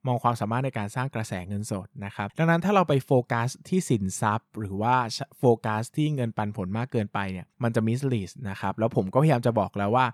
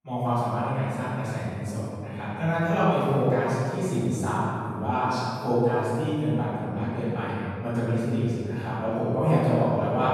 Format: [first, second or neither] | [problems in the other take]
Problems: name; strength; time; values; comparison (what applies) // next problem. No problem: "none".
first | room echo; strong; dies away in 2.3 s // off-mic speech; far